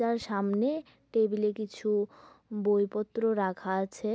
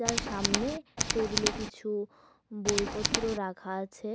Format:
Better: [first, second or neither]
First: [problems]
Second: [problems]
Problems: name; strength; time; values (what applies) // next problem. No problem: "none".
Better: first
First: none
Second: background sound (Tools); 3 dB above the speech